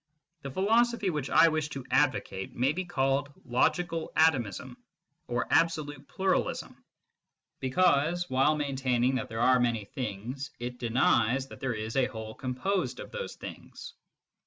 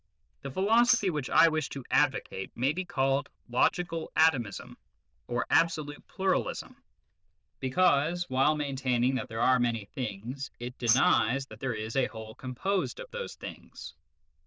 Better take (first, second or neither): first